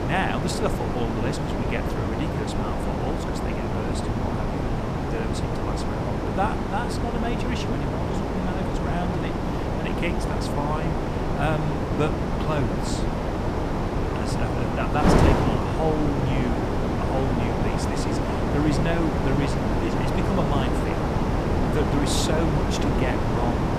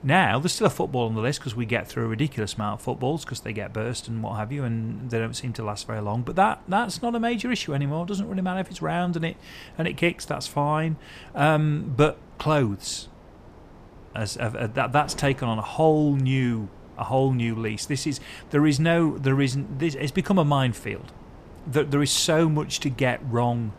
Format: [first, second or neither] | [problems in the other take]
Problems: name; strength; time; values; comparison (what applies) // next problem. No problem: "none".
second | wind noise on the microphone; heavy; 3 dB above the speech; occasional gusts in the second